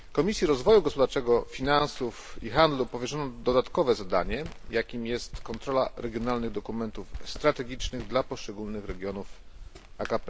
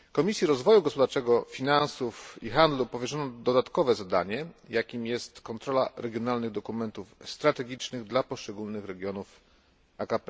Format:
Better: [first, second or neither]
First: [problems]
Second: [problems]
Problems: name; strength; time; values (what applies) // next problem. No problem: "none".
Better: second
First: background sound (Walk, footsteps); 11 dB below the speech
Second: none